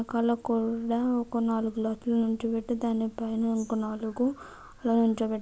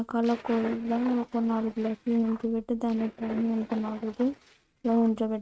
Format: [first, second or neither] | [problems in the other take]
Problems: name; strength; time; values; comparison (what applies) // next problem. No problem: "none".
first | noise reduction (neural mask model RNNoise)